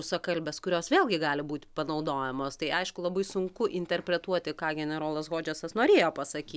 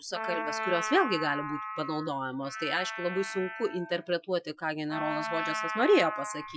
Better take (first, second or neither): first